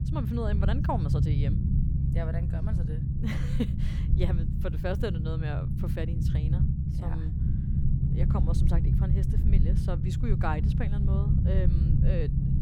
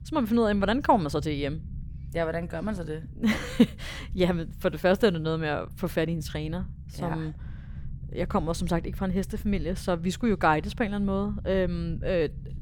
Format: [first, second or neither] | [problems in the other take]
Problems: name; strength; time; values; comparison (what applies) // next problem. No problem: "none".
second | low rumble; loud; throughout; 2 dB below the speech; faint in the second